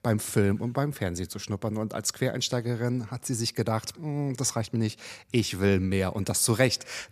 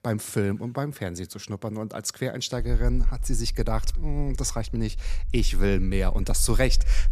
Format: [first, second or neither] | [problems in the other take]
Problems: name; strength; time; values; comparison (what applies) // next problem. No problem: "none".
first | low rumble; faint; from 2.5 s on; 25 dB below the speech